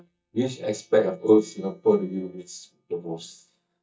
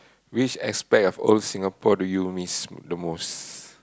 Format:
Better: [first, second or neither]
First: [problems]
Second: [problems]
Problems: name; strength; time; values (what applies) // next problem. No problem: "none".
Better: second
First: noise reduction (neural mask model DeepFilterNet 3)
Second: none